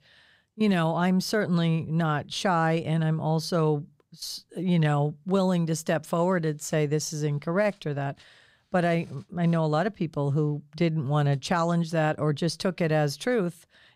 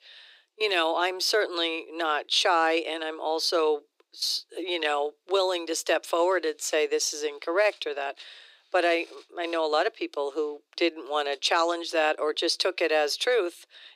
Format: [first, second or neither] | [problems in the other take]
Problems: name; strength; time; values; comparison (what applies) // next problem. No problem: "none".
first | thin; very; fading below 350 Hz